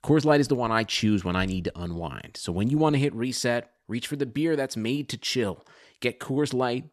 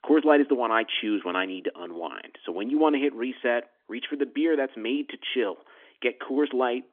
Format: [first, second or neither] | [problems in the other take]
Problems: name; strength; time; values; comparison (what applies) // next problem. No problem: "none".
first | phone-call audio; nothing above 3.5 kHz